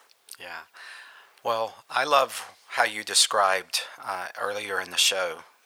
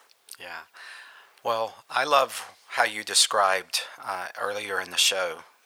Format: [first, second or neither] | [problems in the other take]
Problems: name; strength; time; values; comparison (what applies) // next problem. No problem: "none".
neither | thin; very; fading below 850 Hz; the same in both